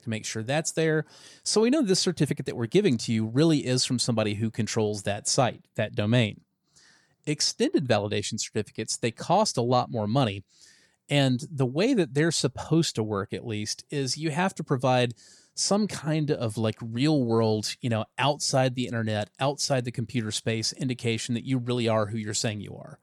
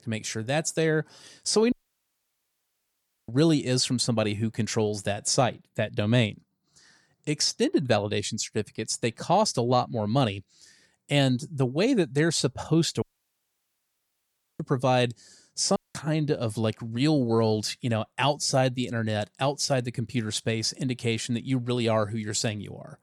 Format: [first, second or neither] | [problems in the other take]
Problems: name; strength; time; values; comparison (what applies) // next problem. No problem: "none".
first | audio cutting out; at 1.5 s for 1.5 s, at 13 s for 1.5 s and at 16 s